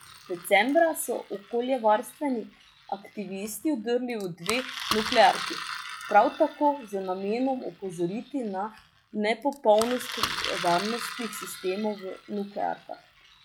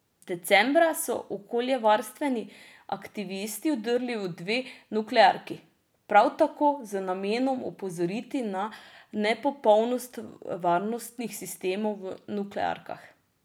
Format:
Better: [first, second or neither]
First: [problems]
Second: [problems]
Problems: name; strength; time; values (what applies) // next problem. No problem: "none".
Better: second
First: noise reduction (classical method log-MMSE)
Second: none